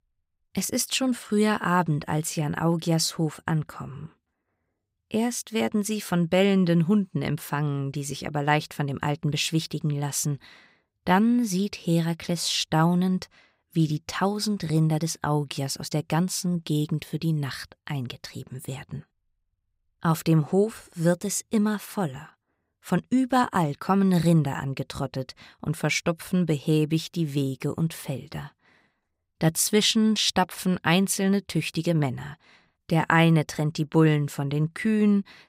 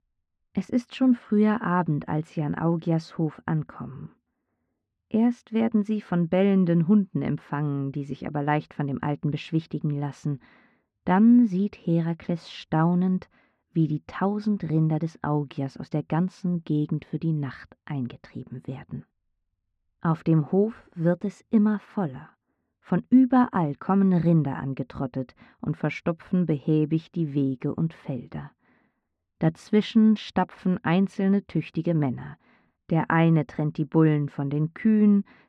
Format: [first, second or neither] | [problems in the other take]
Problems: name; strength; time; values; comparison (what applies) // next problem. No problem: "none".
first | muffled; very; fading above 2 kHz